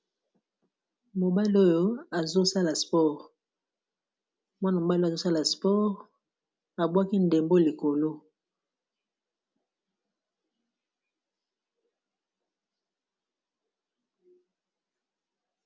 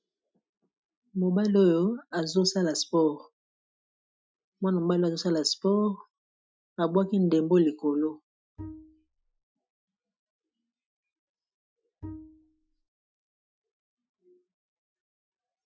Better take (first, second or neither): first